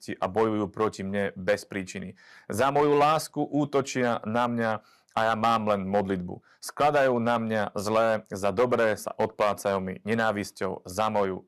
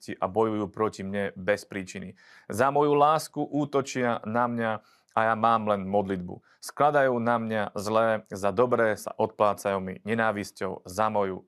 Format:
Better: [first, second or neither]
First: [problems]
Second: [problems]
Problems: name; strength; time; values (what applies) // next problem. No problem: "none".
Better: second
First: distortion; slight; 3% of the sound clipped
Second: none